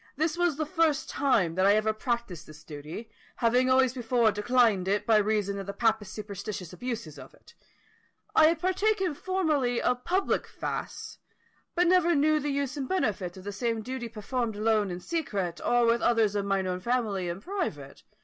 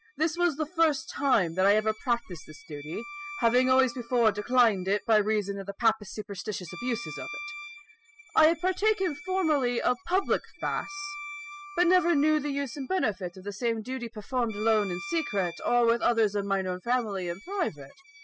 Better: first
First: none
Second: noise reduction (classical method spectral subtraction)

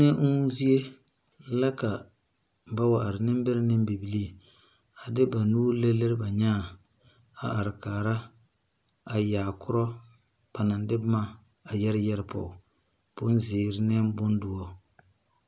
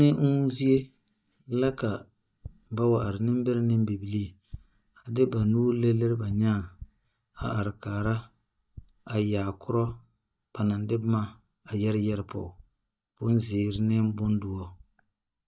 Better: first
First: none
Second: noise reduction (neural mask model DeepFilterNet 3)

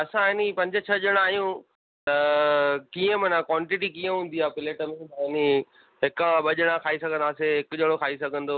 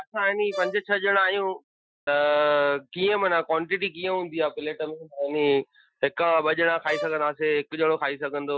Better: first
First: none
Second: noise reduction (classical method Wiener filter)

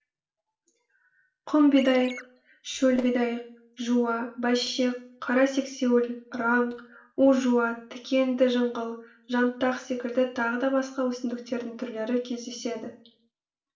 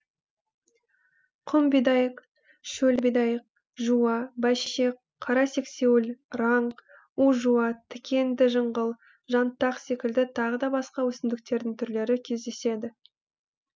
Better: second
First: background sound (Chirp, tweet); 13 dB below the speech // room echo; dies away in 0.4 s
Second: none

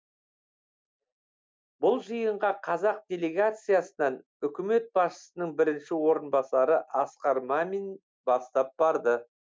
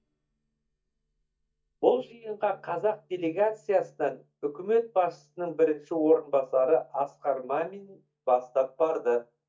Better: first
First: none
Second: noise reduction (neural mask model DeepFilterNet 3)

